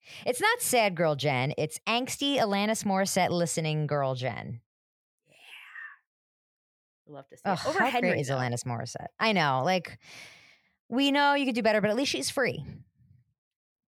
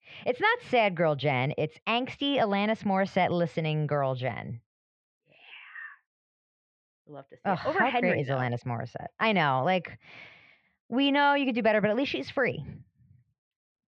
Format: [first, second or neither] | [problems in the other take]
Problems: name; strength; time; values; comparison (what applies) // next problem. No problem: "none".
first | muffled; slightly; fading above 3.5 kHz